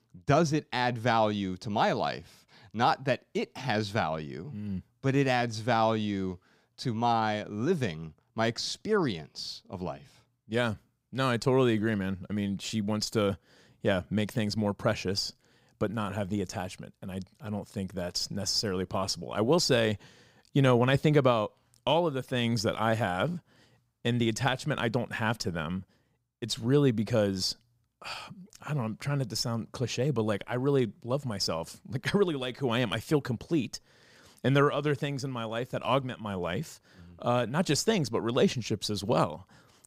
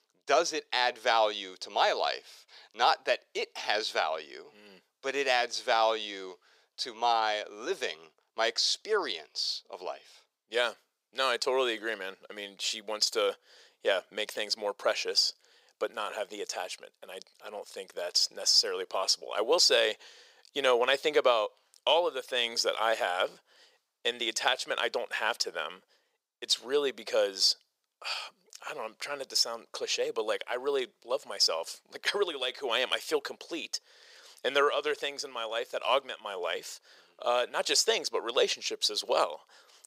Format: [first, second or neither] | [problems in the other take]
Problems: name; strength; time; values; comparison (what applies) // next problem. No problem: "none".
first | thin; very; fading below 450 Hz